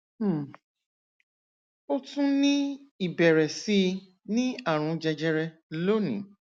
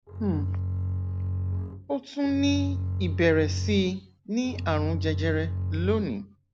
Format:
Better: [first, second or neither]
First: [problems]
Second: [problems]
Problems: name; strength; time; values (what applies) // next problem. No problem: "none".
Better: first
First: none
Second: background sound (Bowed string instrument); 1 dB below the speech